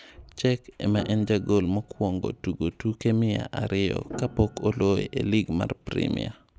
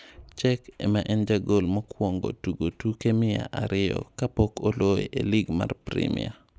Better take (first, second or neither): second